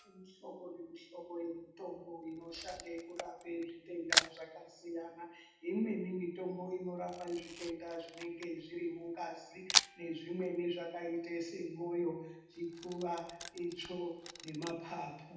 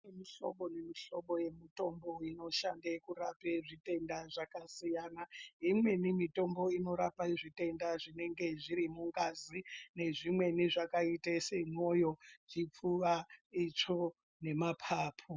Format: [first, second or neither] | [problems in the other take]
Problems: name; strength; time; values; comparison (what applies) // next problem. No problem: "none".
second | background sound (Camera); 1 dB below the speech // room echo; dies away in 0.8 s